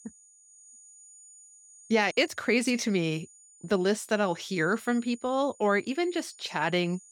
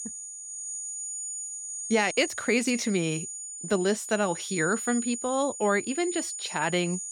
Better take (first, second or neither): first